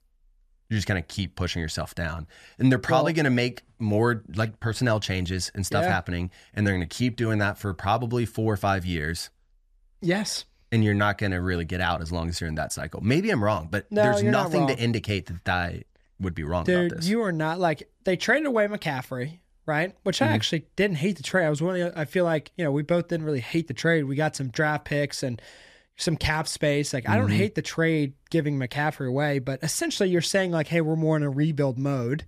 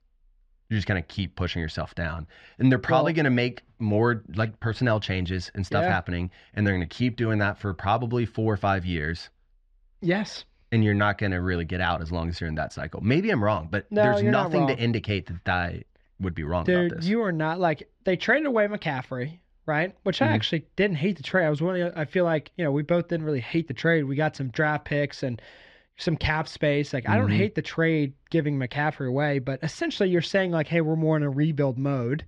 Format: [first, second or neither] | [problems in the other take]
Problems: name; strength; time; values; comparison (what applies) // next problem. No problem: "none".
first | muffled; very slightly; fading above 4 kHz